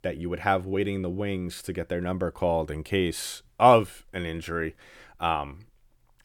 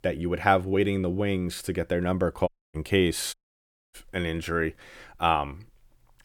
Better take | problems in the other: first | audio cutting out; at 2.5 s and at 3.5 s for 0.5 s

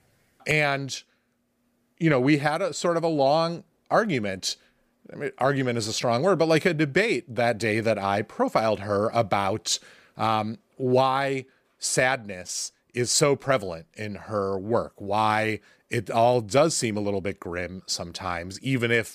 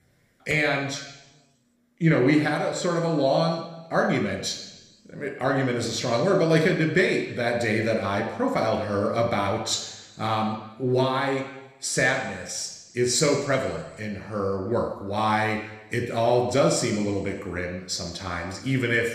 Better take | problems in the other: first | room echo; slight; dies away in 1 s

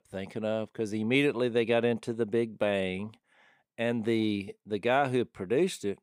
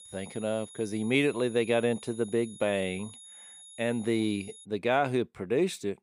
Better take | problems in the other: first | high-pitched whine; noticeable; until 4.5 s; 10.5 kHz, 15 dB below the speech

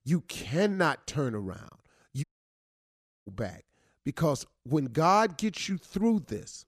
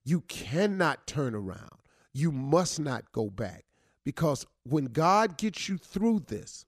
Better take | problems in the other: second | audio cutting out; at 2 s for 1 s

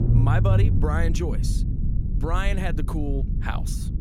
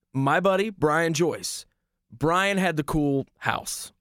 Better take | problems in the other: second | low rumble; loud; throughout; 7 dB below the speech

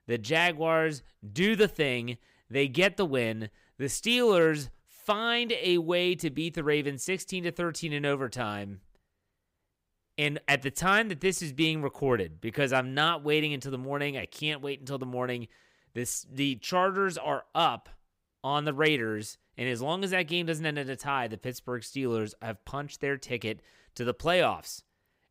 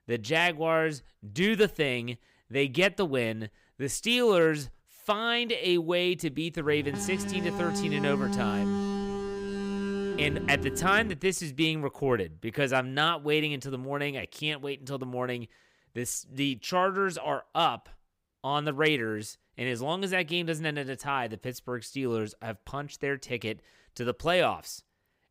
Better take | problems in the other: first | alarm; noticeable; from 6.5 to 11 s; peak 1 dB below the speech

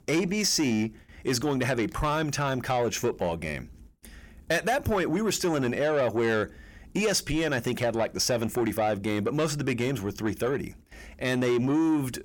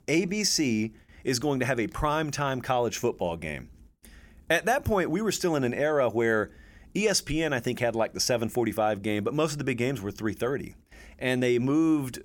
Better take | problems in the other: second | distortion; slight; 10 dB below the speech

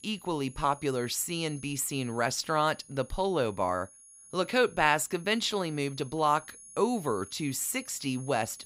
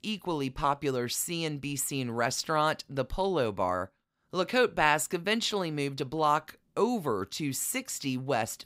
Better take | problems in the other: second | high-pitched whine; noticeable; throughout; 10.5 kHz, 20 dB below the speech

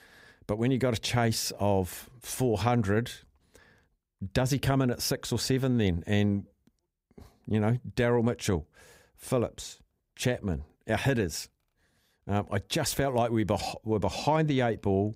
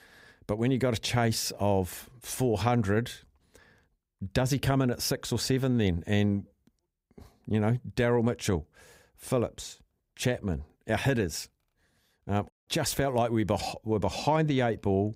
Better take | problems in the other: first | audio cutting out; at 13 s

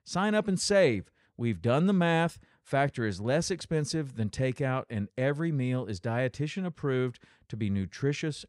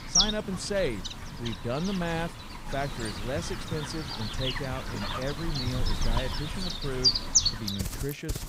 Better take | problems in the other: first | animal sounds; very loud; throughout; 4 dB above the speech

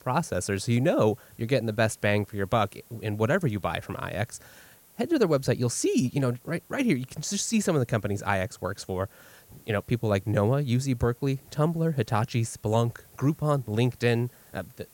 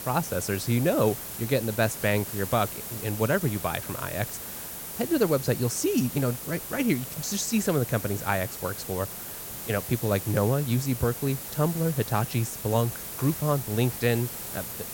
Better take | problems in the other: first | hiss; loud; throughout; 7 dB below the speech; faint in the first

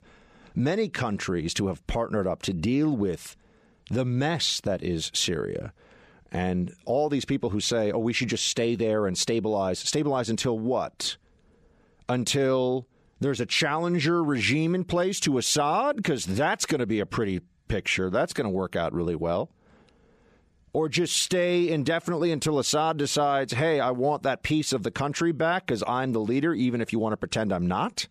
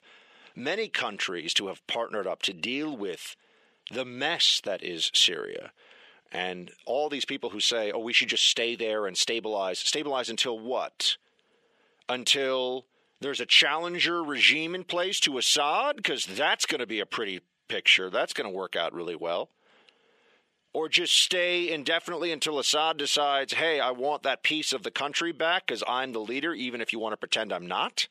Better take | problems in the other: first | thin; somewhat; fading below 400 Hz

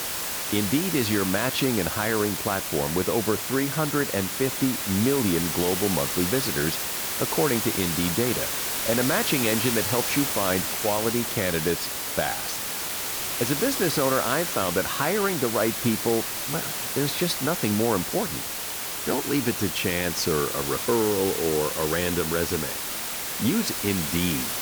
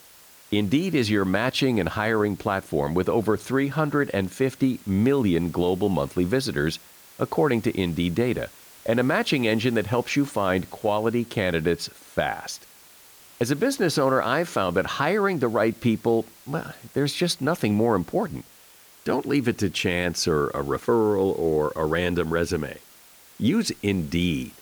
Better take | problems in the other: second | hiss; loud; throughout; 1 dB below the speech; faint in the second

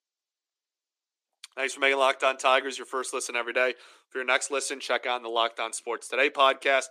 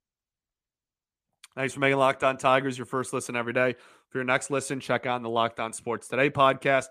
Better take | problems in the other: second | thin; somewhat; fading below 300 Hz

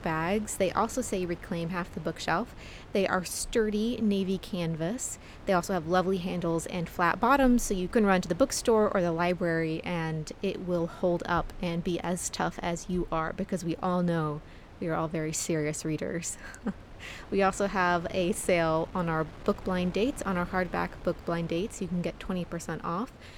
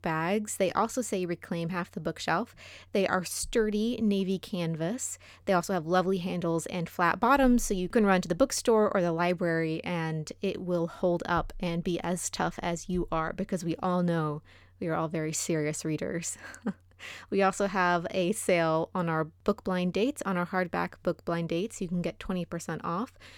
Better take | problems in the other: second | wind noise on the microphone; occasional gusts; 20 dB below the speech

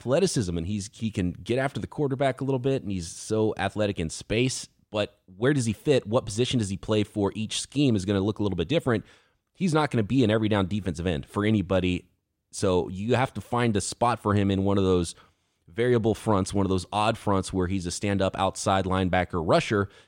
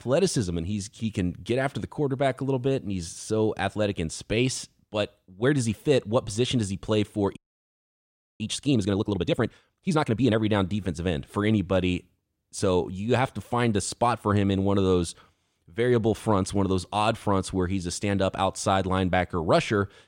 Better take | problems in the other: first | audio freezing; at 7.5 s for 1 s

